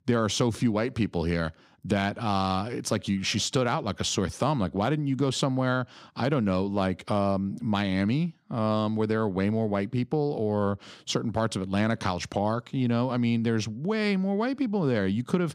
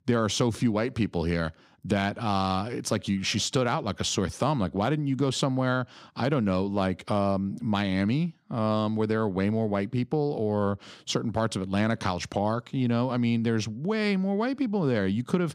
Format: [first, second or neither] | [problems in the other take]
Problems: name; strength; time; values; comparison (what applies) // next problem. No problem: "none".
neither | none